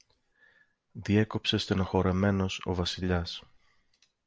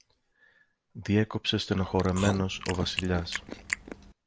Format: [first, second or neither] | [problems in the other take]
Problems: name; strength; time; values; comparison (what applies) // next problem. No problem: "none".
first | background sound (Chewing, mastication); 7 dB below the speech